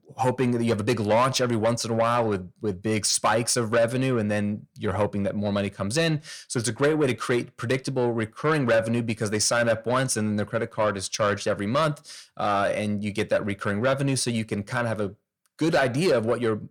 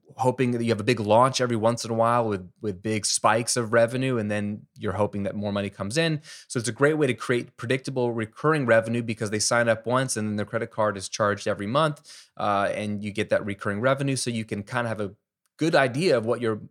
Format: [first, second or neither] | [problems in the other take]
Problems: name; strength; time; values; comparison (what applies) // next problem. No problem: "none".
second | distortion; slight; 10 dB below the speech